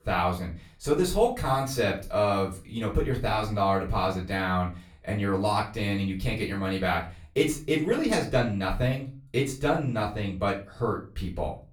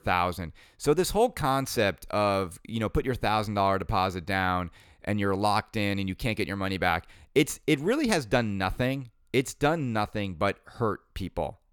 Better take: second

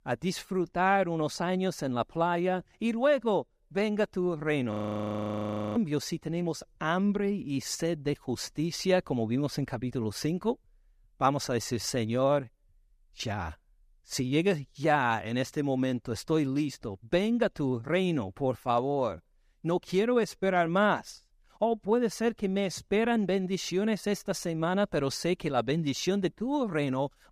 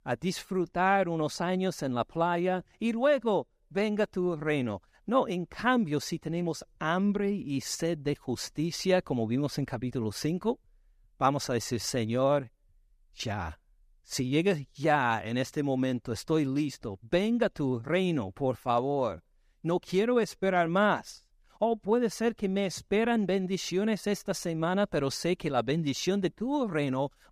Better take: second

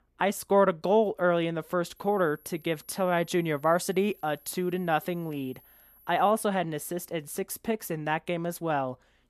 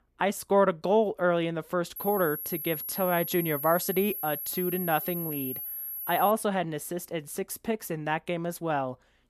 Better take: first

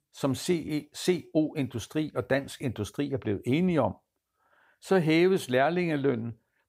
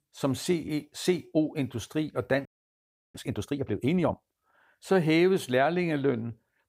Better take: first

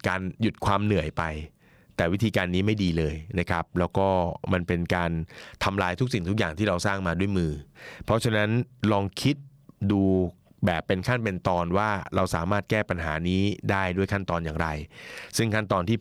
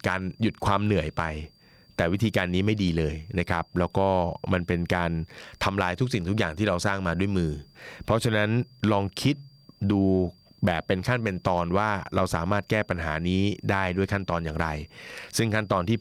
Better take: first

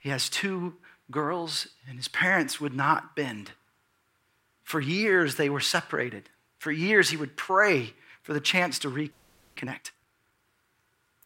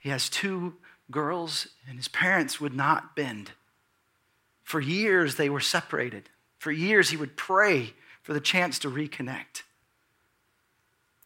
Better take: second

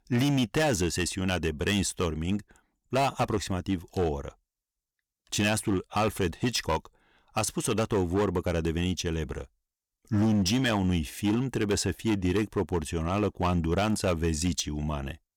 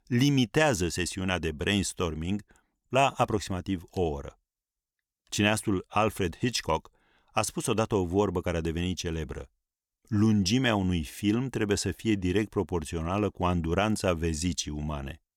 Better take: second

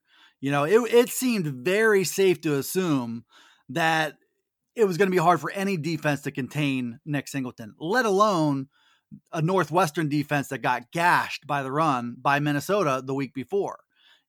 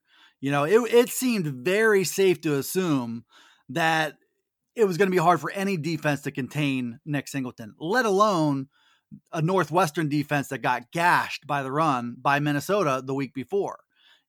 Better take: neither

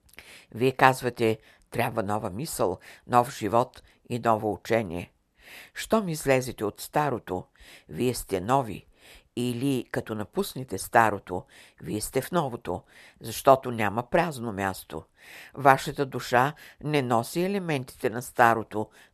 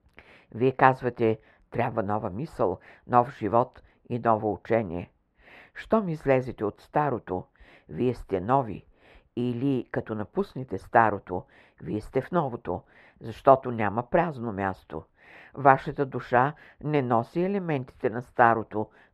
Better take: first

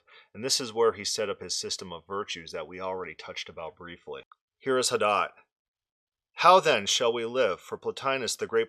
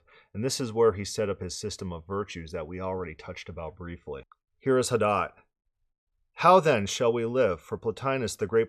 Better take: second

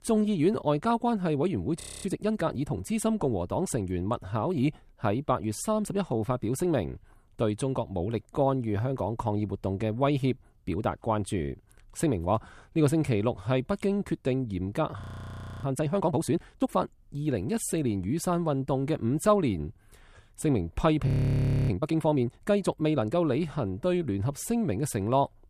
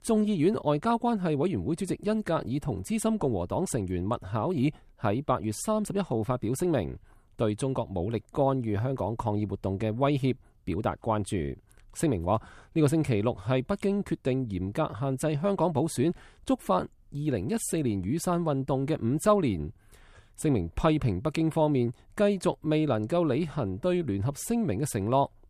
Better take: second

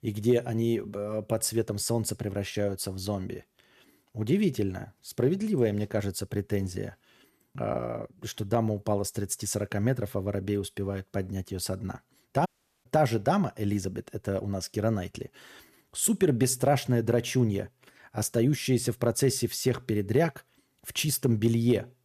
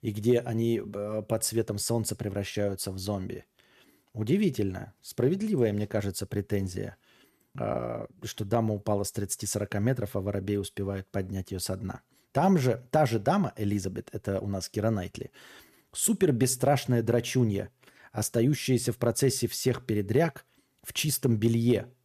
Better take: second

